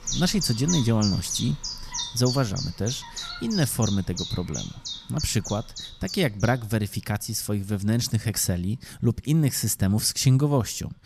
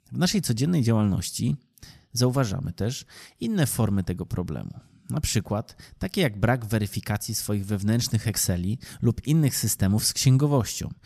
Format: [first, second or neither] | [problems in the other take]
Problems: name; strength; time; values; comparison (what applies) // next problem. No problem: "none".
second | animal sounds; loud; throughout; 7 dB below the speech